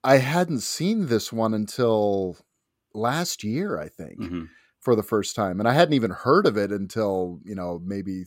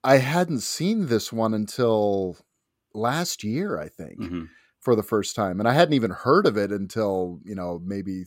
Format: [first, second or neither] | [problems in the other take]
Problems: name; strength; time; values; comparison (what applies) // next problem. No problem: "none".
neither | none